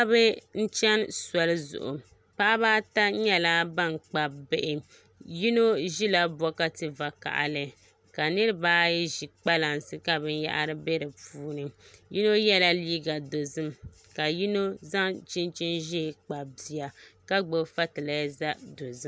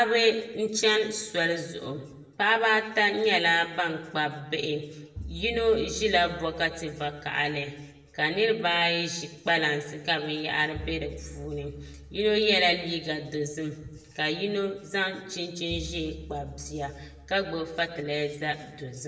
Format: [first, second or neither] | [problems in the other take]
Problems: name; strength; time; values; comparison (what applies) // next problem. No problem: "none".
first | background sound (Bowed string instrument); 17 dB below the speech // room echo; dies away in 0.8 s